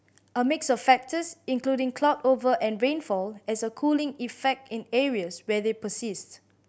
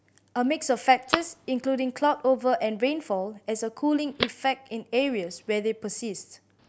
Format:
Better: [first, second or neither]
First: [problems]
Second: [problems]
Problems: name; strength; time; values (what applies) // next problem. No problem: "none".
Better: first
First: none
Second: background sound (Telephone); 13 dB below the speech